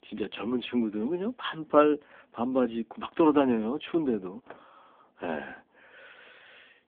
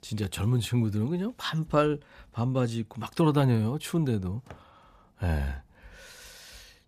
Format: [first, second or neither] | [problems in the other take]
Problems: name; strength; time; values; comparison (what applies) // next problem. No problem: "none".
second | phone-call audio; poor line; nothing above 3.5 kHz